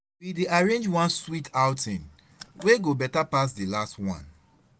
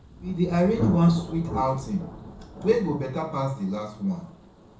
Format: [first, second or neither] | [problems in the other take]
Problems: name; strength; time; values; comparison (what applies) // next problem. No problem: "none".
first | background sound (Thunder); 9 dB below the speech // room echo; dies away in 0.6 s